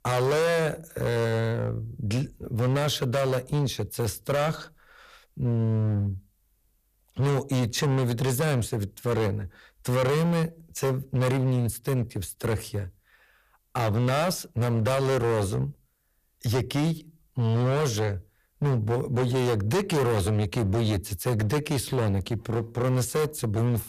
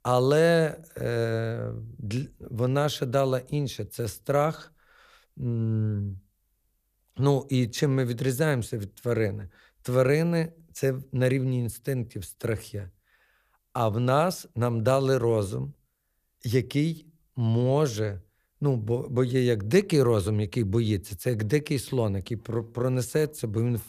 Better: second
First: distortion; heavy; 17% of the sound clipped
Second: none

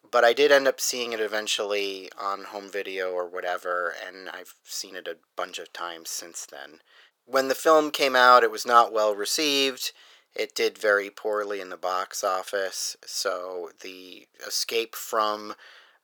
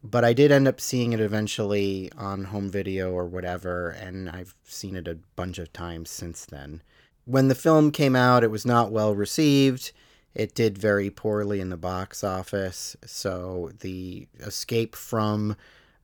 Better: second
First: thin; very; fading below 500 Hz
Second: none

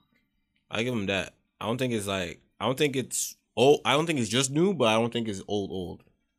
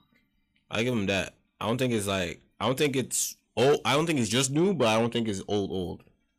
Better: first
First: none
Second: distortion; slight; 10 dB below the speech

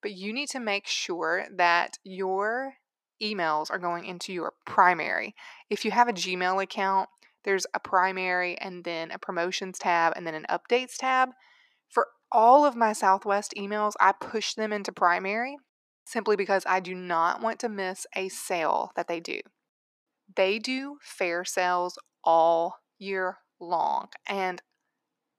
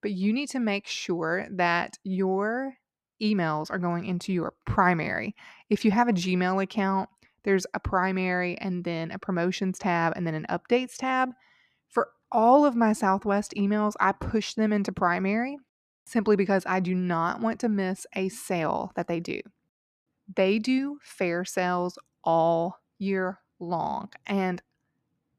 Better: second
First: thin; somewhat; fading below 450 Hz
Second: none

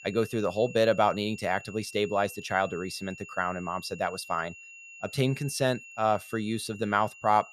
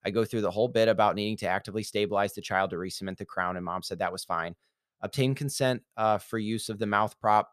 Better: second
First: high-pitched whine; noticeable; throughout; 2.5 kHz, 15 dB below the speech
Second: none

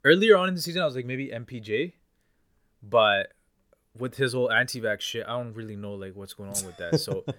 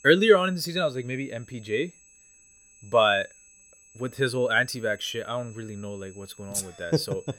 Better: first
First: none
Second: high-pitched whine; faint; throughout; 8 kHz, 25 dB below the speech

